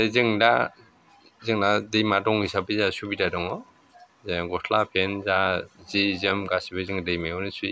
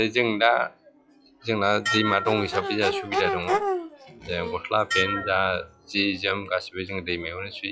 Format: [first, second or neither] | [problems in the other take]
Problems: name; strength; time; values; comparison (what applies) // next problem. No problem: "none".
first | noise reduction (classical method log-MMSE)